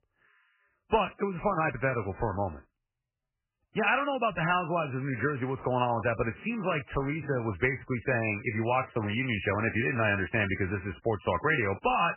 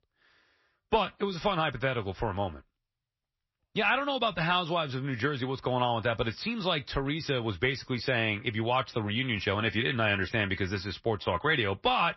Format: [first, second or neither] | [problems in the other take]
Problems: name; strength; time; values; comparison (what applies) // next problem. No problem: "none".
second | garbled, watery; badly; nothing above 3 kHz; slightly in the second